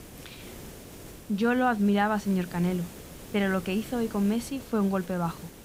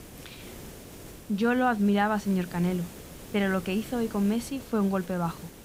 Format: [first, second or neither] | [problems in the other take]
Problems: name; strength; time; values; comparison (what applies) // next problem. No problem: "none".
neither | hiss; noticeable; throughout; 15 dB below the speech; the same in both